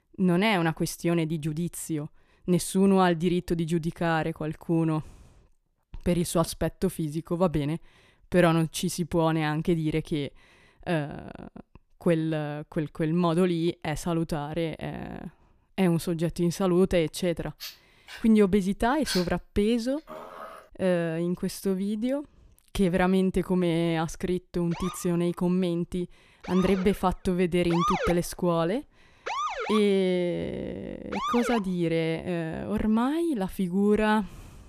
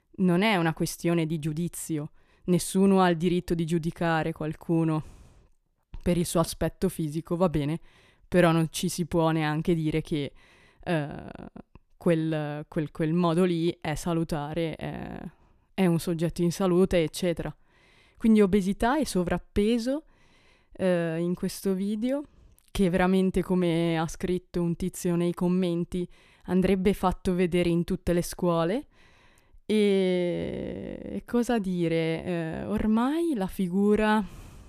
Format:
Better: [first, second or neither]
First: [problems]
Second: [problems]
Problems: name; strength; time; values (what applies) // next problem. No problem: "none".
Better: second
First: dog barking; noticeable; from 18 to 21 s; peak 6 dB below the speech // siren; noticeable; from 25 to 32 s; peak level with the speech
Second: none